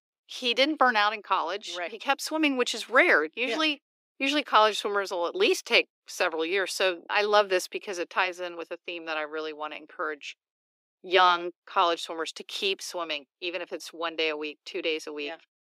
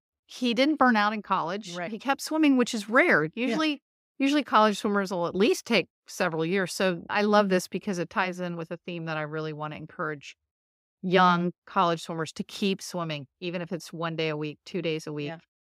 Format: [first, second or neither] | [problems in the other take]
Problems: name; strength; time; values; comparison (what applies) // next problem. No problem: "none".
second | thin; somewhat; fading below 300 Hz